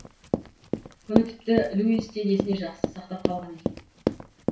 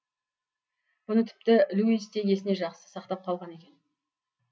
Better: second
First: background sound (Run); 2 dB below the speech // room echo; dies away in 0.4 s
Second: none

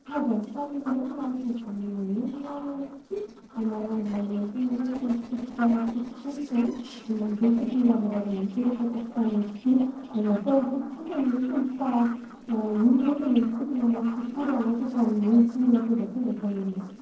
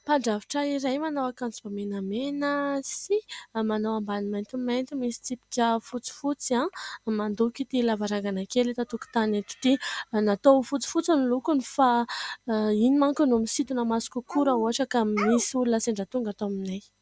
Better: second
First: noise reduction (neural separator model SepFormer DNS4)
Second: none

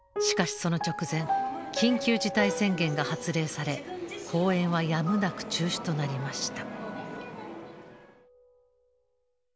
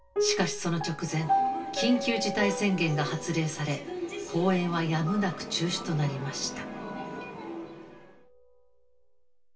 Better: first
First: none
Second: room echo; dies away in 0.2 s

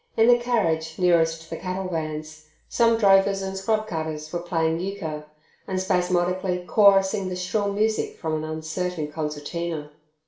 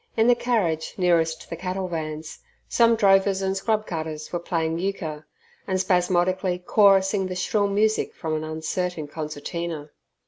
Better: second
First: room echo; dies away in 0.4 s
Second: none

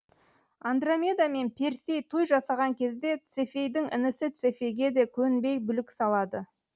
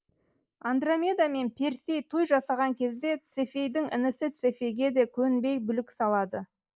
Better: first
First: none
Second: noise reduction (neural mask model Resemble Enhance denoiser)

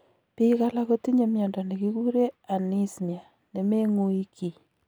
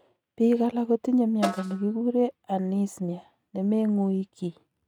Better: first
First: none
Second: noise reduction (neural mask model RNNoise)

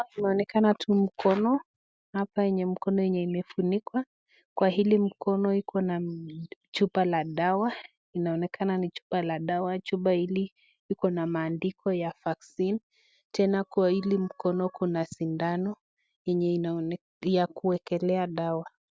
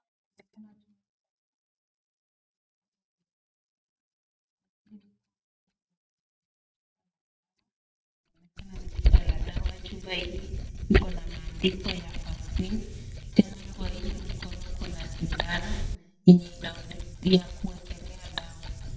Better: first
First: none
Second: noise reduction (neural mask model DeepFilterNet 3)

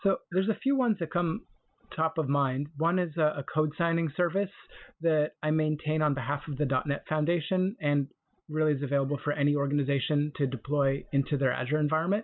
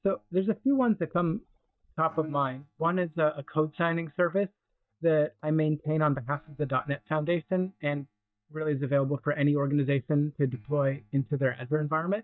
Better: first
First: none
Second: noise reduction (neural mask model DeepFilterNet 3)

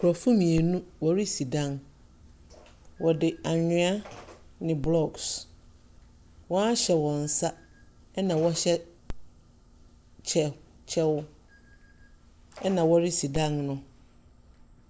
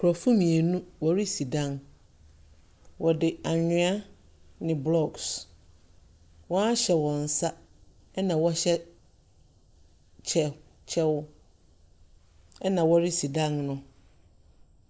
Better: second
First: background sound (Telephone); 17 dB below the speech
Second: none

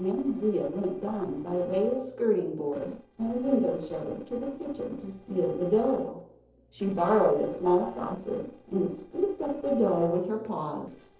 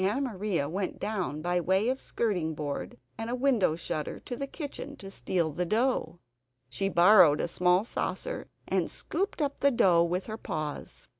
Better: second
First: noise reduction (neural separator model SepFormer DNS4)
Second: none

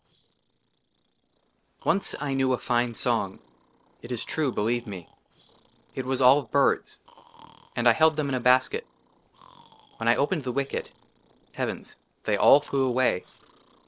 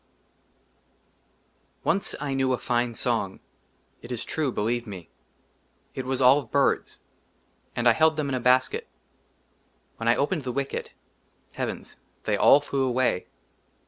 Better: second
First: noise reduction (neural separator model SepFormer DNS4)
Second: none

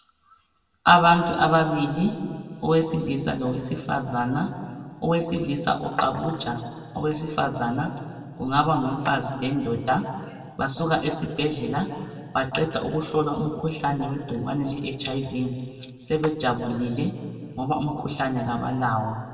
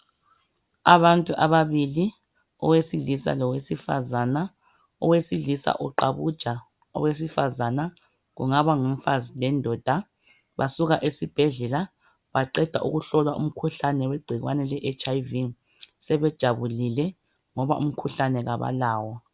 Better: second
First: background sound (Clapping); 19 dB below the speech // room echo; dies away in 1.9 s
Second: none

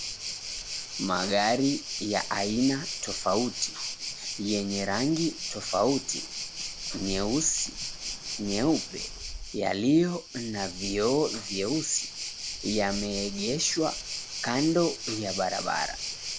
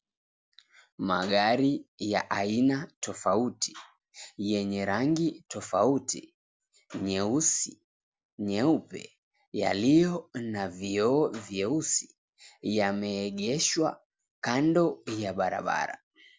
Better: second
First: background sound (Waves, surf); 7 dB below the speech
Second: none

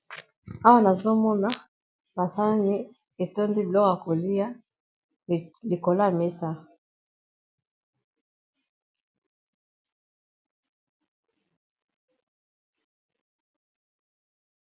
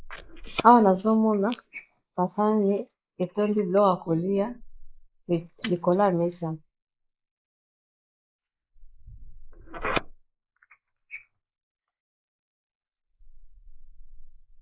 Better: first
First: none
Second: noise reduction (neural mask model Resemble Enhance denoiser)

